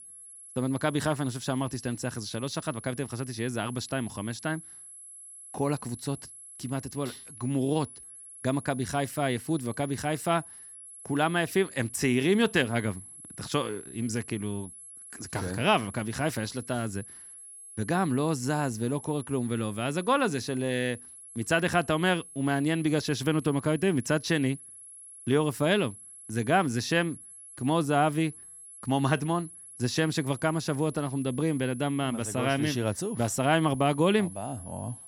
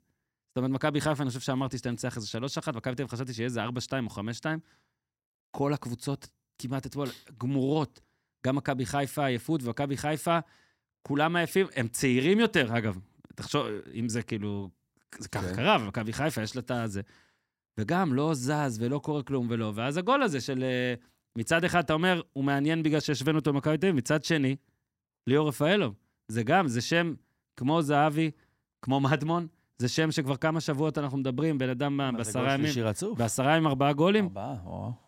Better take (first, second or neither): second